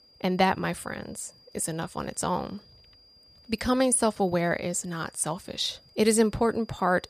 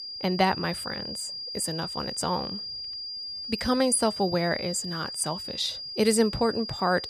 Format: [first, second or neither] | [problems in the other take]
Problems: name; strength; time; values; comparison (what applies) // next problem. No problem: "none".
first | high-pitched whine; loud; throughout; 5 kHz, 6 dB below the speech; faint in the first